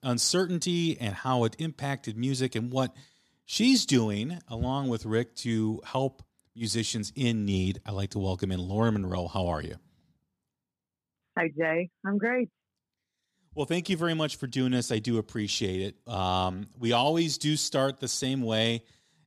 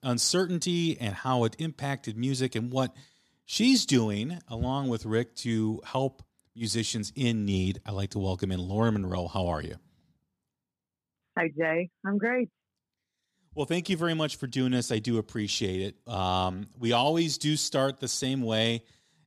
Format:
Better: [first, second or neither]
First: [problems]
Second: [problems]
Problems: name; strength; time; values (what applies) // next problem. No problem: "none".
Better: neither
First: none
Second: none